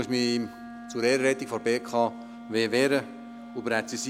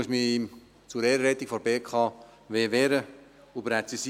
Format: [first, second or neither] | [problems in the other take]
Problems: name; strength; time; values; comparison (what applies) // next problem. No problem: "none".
second | background sound (Wind instrument, woodwind instrument); 14 dB below the speech